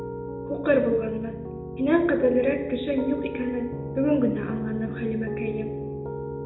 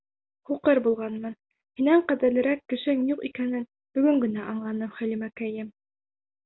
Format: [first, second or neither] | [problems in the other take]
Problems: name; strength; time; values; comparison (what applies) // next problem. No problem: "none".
second | background sound (Piano); 7 dB below the speech // room echo; dies away in 0.8 s